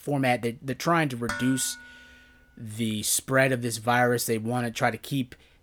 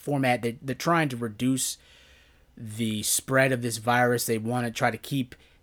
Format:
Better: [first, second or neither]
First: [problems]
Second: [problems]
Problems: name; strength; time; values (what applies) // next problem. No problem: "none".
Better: second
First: clattering dishes; noticeable; at 1.5 s; peak 7 dB below the speech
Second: none